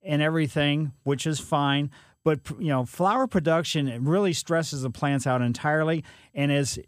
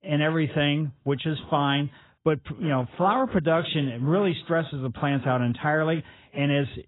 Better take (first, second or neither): first